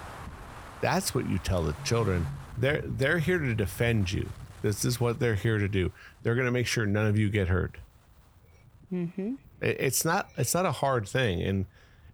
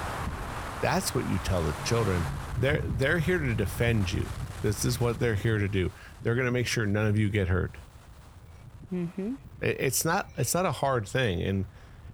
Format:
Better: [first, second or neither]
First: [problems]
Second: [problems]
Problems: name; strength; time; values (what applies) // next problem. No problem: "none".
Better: first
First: wind noise on the microphone; occasional gusts; 20 dB below the speech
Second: wind noise on the microphone; heavy; 9 dB below the speech